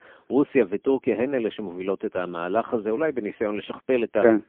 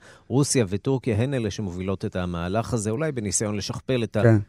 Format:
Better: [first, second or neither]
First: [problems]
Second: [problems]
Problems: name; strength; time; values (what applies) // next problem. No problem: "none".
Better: second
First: phone-call audio; poor line; nothing above 3.5 kHz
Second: none